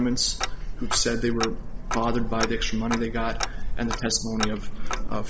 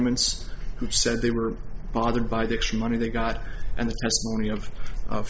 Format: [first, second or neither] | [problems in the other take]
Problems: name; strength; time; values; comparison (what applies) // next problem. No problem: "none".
second | background sound (Tick-tock); 7 dB below the speech